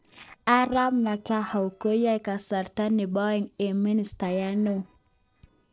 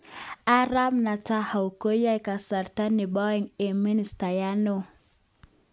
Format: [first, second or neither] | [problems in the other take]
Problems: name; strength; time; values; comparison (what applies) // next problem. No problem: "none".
second | noise reduction (neural separator model SepFormer DNS4)